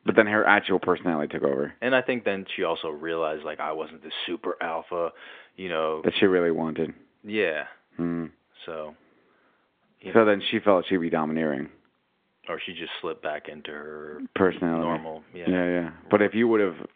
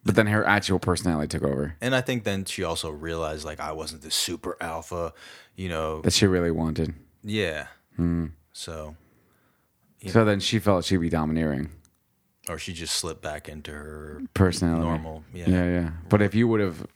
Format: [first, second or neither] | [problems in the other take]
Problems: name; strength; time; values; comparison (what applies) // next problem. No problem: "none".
second | phone-call audio; nothing above 3.5 kHz